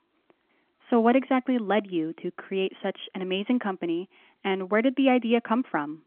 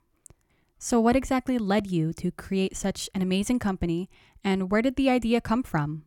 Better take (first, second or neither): second